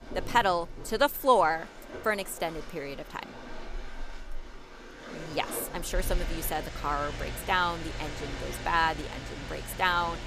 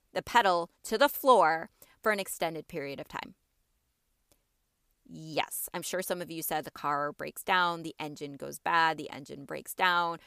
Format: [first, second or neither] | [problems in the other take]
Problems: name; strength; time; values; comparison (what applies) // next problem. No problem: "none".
second | rain or running water; noticeable; throughout; 10 dB below the speech